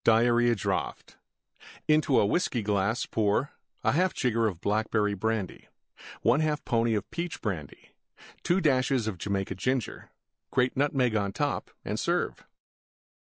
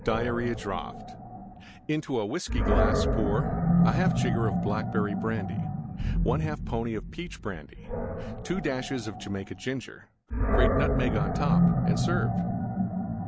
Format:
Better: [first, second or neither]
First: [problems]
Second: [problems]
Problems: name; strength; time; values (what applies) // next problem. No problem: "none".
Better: first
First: none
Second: background sound (Animal); 5 dB above the speech